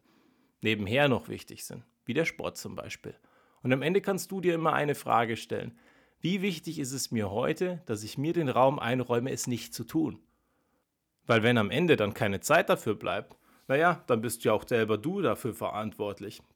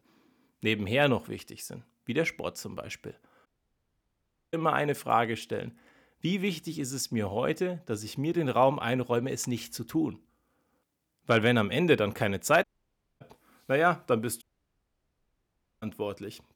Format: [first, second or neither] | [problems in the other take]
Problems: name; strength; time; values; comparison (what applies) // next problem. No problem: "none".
first | audio cutting out; at 3.5 s for 1 s, at 13 s for 0.5 s and at 14 s for 1.5 s